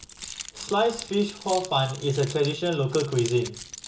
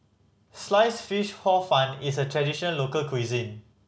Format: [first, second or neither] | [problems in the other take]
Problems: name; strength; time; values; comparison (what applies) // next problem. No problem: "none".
second | background sound (Keys jangling); 14 dB below the speech // room echo; dies away in 0.2 s